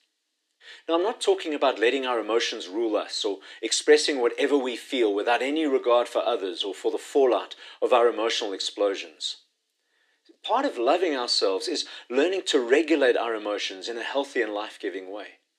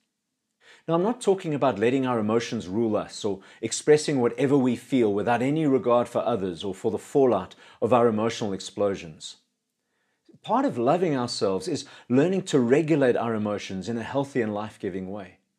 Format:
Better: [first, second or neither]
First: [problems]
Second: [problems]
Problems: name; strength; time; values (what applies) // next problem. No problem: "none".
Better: second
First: thin; somewhat; fading below 300 Hz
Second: none